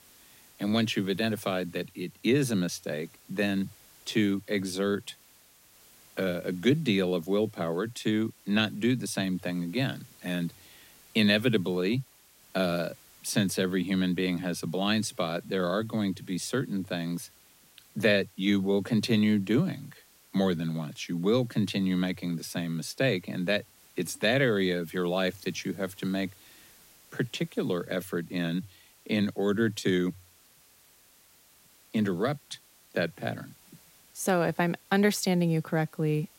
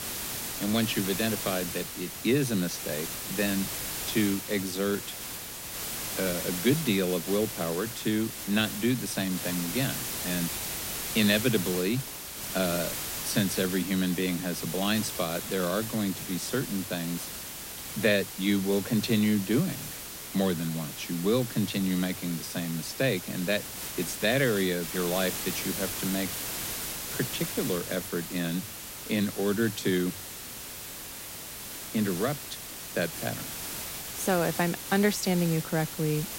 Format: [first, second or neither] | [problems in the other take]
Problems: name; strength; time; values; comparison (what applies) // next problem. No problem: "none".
first | hiss; loud; throughout; 5 dB below the speech; faint in the first